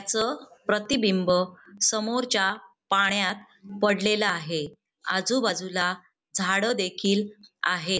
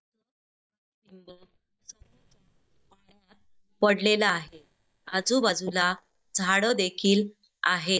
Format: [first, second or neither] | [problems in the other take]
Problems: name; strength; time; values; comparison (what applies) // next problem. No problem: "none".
first | noise reduction (neural mask model DeepFilterNet 3)